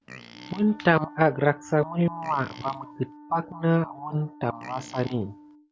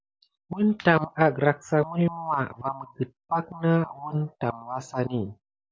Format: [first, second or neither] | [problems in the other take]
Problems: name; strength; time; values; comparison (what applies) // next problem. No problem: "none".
second | background sound (Wind instrument, woodwind instrument + Livestock, farm animals, working animals); 19 dB below the speech